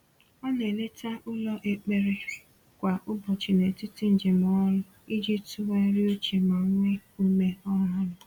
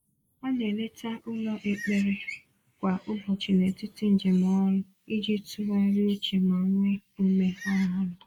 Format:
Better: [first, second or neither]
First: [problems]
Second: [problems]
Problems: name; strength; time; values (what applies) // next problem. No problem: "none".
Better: first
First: none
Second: noise reduction (neural mask model Resemble Enhance denoiser)